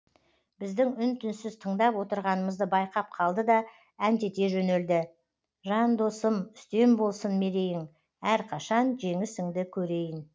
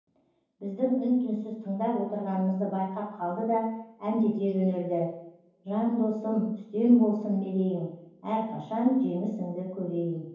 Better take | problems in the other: first | room echo; dies away in 0.9 s

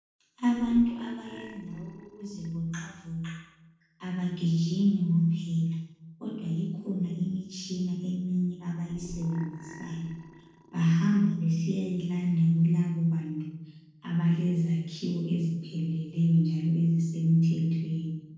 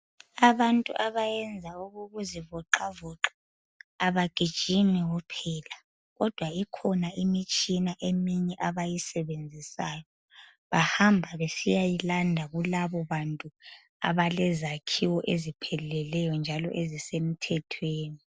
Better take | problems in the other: second | noise reduction (neural separator model SepFormer DNS4)

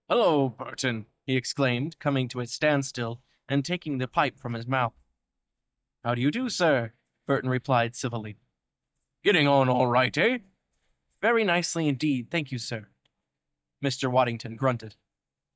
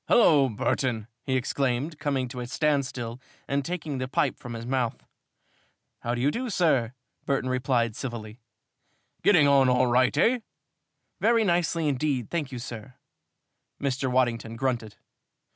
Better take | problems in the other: second | noise reduction (neural mask model DeepFilterNet 3)

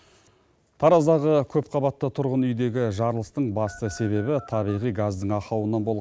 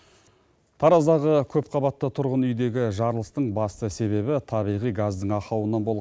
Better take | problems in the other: second | background sound (Telephone); 19 dB below the speech

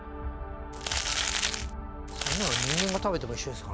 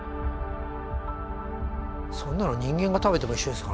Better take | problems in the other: second | background sound (Crumpling, crinkling); 3 dB above the speech

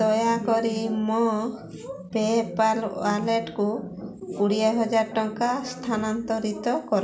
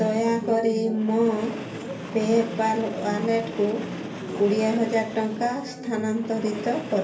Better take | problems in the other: first | background sound (Train); 12 dB below the speech // room echo; dies away in 0.3 s

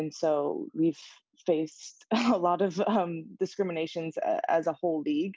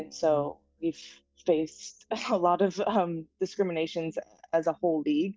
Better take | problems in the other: first | noise reduction (neural mask model DeepFilterNet 3)

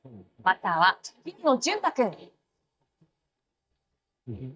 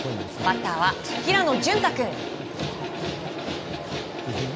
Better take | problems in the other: second | noise reduction (neural mask model DeepFilterNet 3)

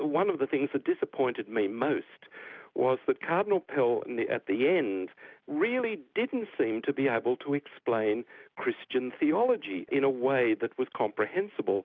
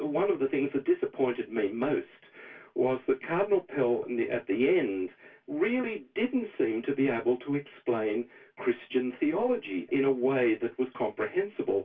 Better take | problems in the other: first | room echo; dies away in 0.1 s

